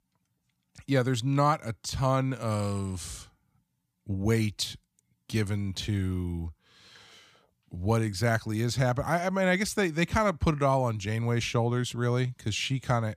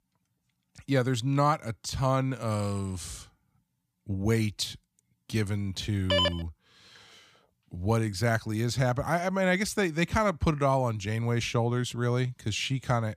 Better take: first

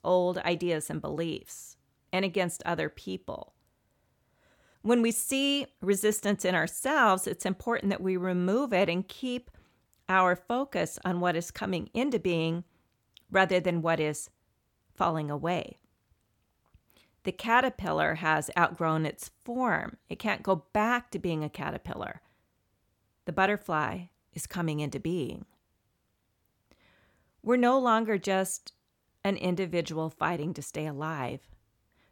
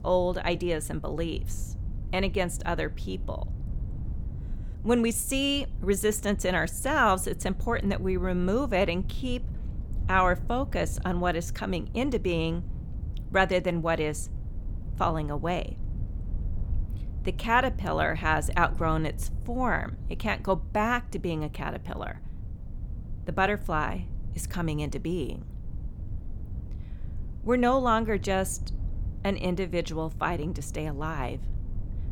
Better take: first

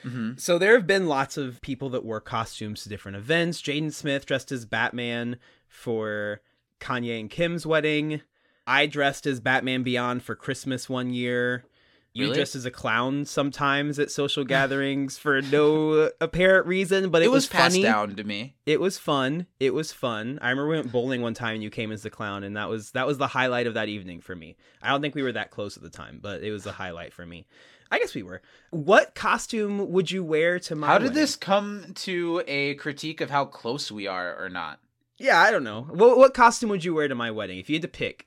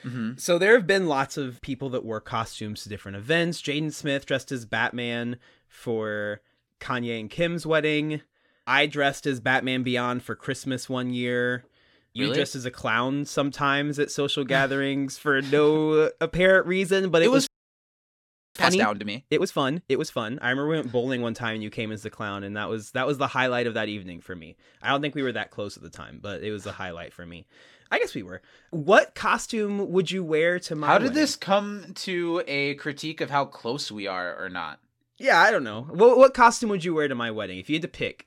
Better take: first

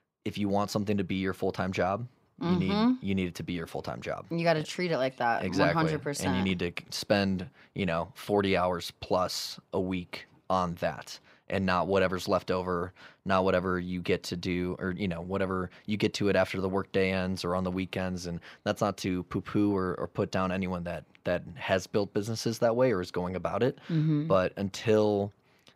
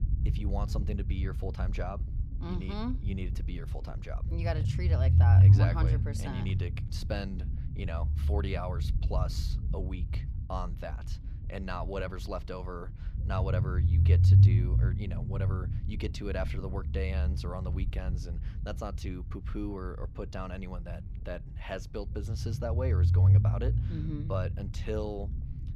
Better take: first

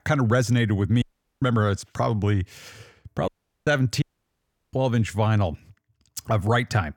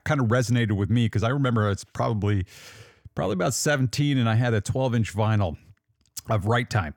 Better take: second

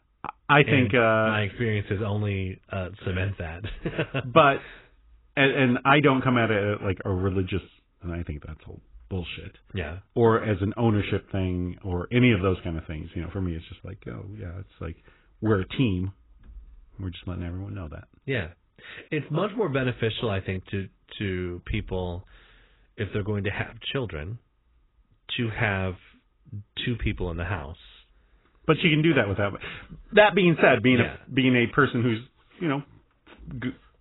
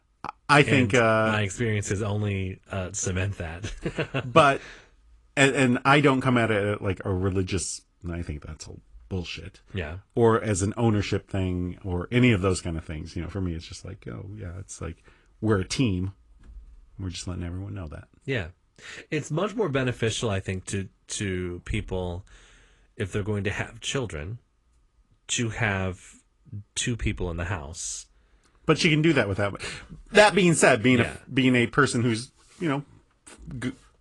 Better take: second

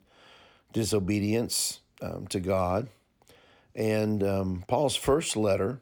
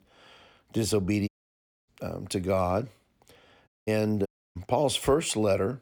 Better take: first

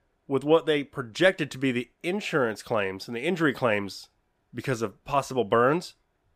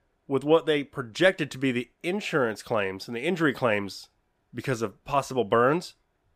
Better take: neither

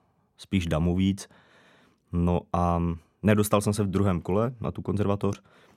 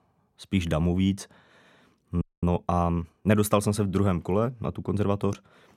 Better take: first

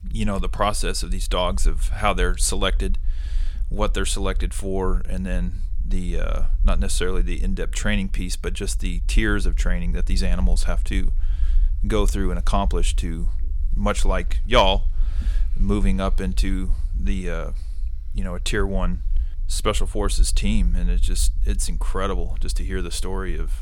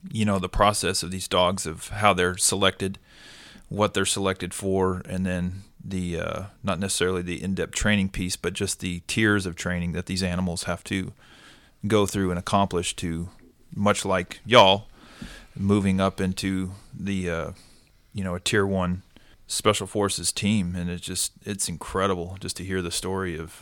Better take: second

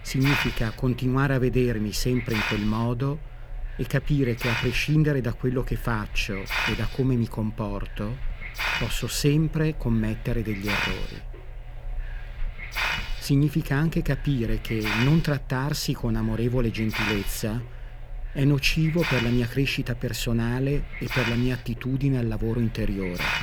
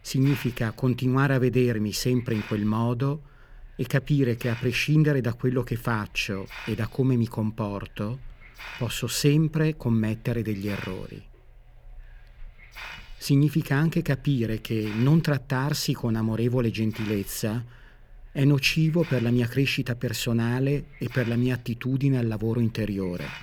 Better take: second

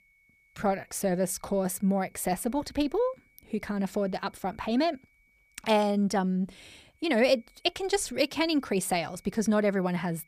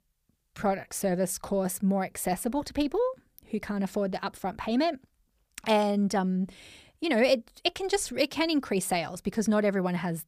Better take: second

